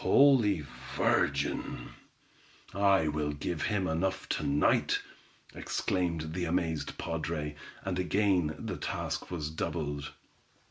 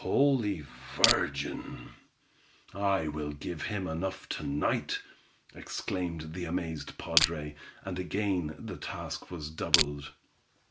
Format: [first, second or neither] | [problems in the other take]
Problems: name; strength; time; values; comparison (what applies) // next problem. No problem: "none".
first | background sound (Crushing); 5 dB above the speech